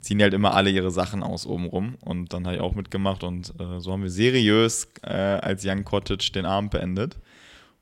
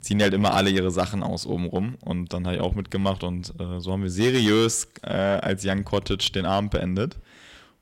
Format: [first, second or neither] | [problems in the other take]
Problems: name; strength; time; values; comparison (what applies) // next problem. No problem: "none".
first | distortion; slight; 4% of the sound clipped